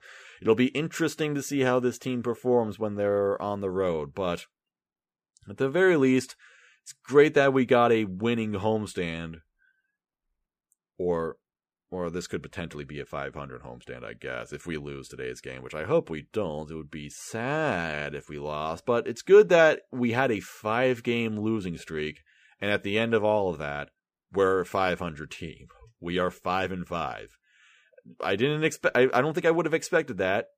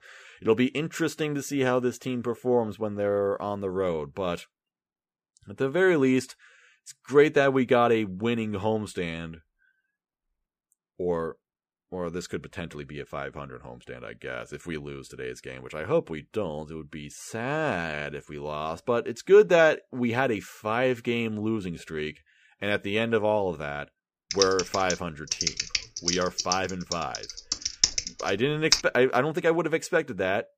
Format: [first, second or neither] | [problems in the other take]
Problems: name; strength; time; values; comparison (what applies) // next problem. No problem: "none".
first | keyboard typing; loud; from 24 to 29 s; peak 3 dB above the speech